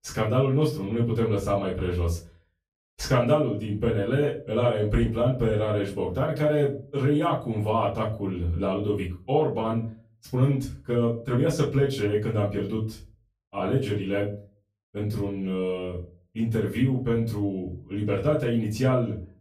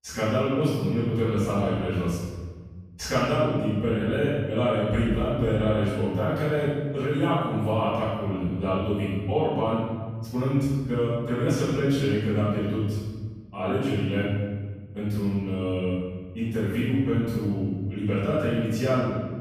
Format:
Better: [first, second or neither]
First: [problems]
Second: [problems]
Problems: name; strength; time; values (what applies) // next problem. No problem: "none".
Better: first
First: room echo; slight; dies away in 0.3 s // off-mic speech; far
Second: room echo; strong; dies away in 1.5 s // off-mic speech; far